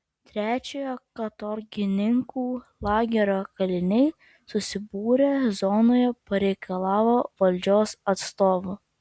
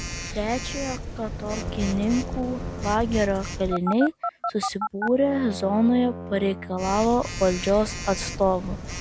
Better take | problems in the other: first | background sound (Telephone + Brass instrument); 7 dB below the speech

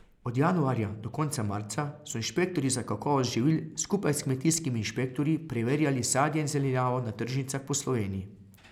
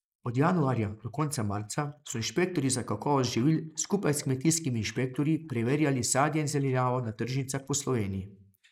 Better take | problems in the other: first | noise reduction (neural mask model Resemble Enhance denoiser)

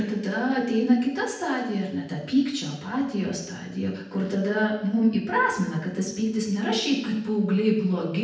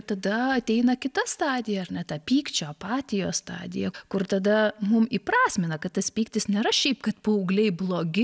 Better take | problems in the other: second | room echo; dies away in 0.8 s

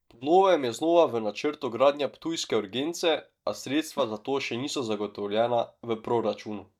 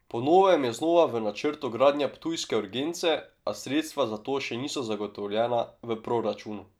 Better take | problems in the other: second | noise reduction (neural mask model DeepFilterNet 3)

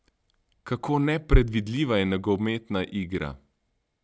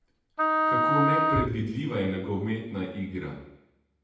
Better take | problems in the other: first | background sound (Wind instrument, woodwind instrument); 5 dB above the speech // room echo; dies away in 0.8 s

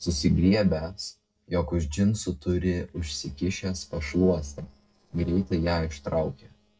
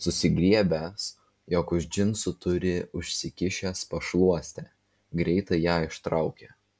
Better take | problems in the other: second | noise reduction (neural separator model SepFormer DNS4)

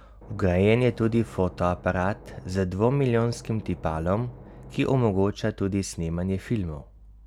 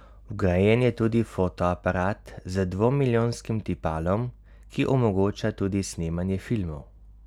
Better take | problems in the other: second | background sound (Engine / Boat, Water vehicle); 20 dB below the speech

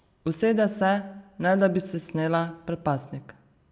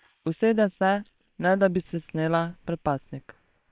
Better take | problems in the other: first | noise reduction (neural separator model SepFormer WHAM!)

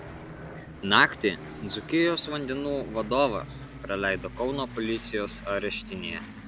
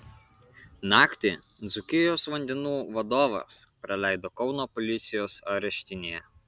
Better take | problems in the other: second | background sound (Aircraft); 12 dB below the speech

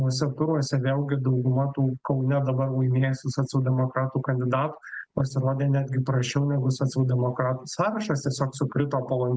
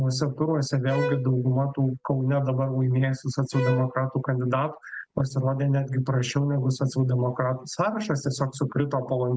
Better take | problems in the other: first | background sound (Bowed string instrument); 12 dB below the speech

